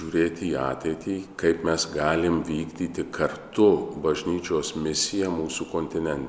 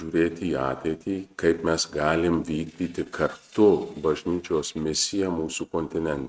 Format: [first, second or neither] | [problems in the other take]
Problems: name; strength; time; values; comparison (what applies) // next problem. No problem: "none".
first | noise reduction (neural mask model RNNoise)